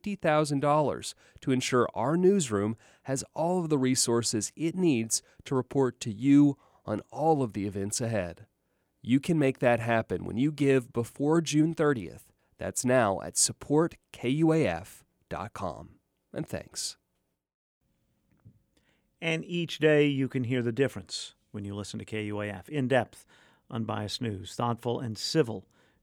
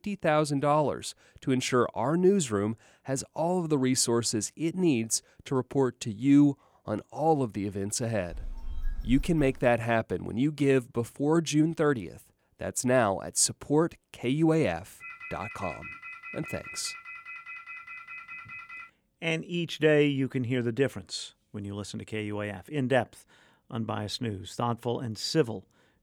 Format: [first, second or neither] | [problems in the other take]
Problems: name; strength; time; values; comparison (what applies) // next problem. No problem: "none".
first | phone ringing; faint; from 8.5 to 9.5 s and from 15 to 19 s; peak 10 dB below the speech